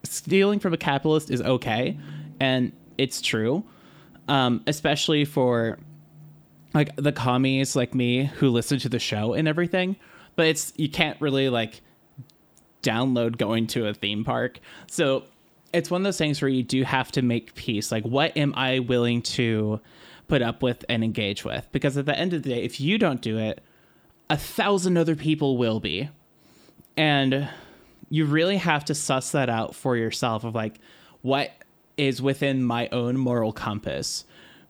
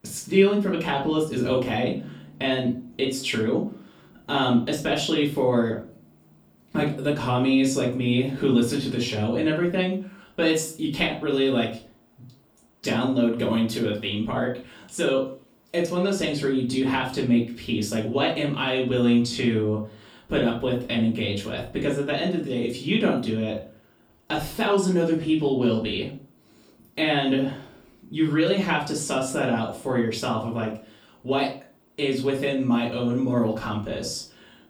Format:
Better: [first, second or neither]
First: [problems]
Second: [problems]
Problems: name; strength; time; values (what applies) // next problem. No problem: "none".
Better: first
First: none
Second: off-mic speech; far // room echo; slight; dies away in 0.3 s